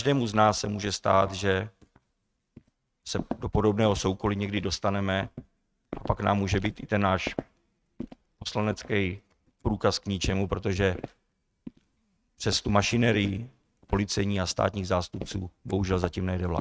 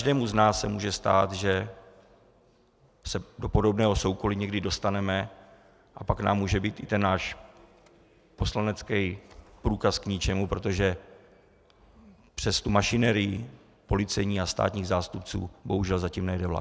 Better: second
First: noise reduction (neural mask model RNNoise)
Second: none

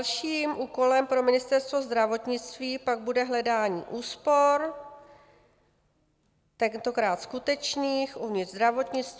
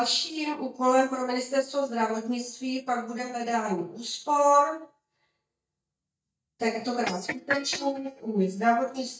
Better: first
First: none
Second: noise reduction (neural mask model DeepFilterNet 3)

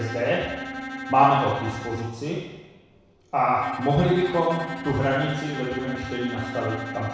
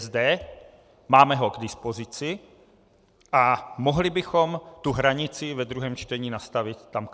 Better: second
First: background sound (Bowed string instrument); 10 dB below the speech // room echo; dies away in 1.1 s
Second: none

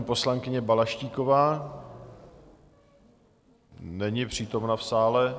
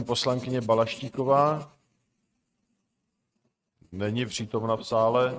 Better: first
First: none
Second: noise reduction (neural mask model RNNoise)

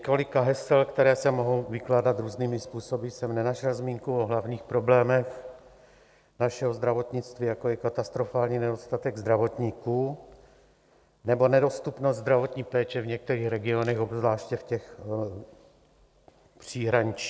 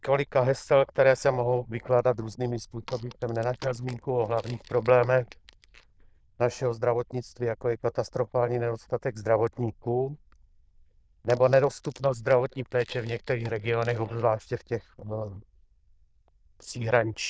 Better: first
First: none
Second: noise reduction (neural diffusion model UNIVERSE++)

